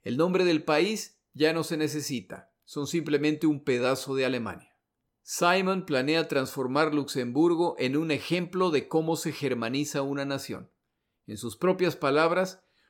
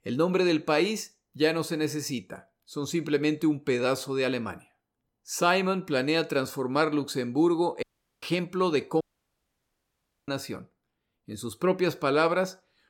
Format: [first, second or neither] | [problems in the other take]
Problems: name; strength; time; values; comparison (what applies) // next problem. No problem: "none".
first | audio cutting out; at 8 s and at 9 s for 1.5 s